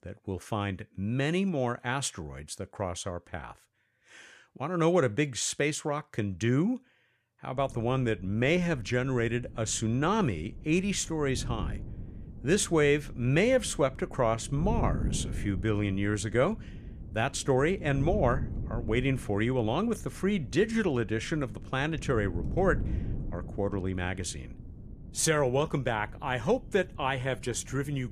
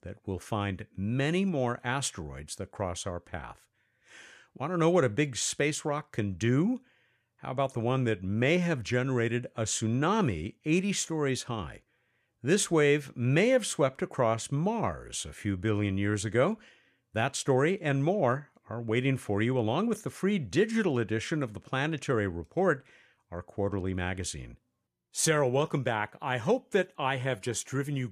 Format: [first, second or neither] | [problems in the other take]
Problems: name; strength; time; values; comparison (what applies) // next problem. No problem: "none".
second | wind noise on the microphone; occasional gusts; from 7.5 s on; 20 dB below the speech